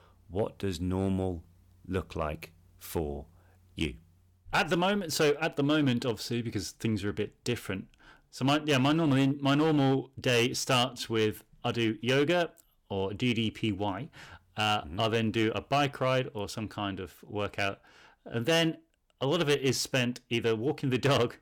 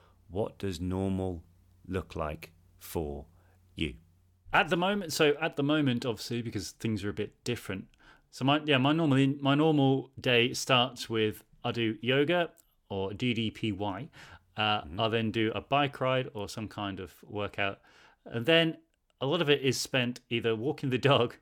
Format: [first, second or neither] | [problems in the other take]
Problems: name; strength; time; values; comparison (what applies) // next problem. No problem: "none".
second | distortion; slight; 4% of the sound clipped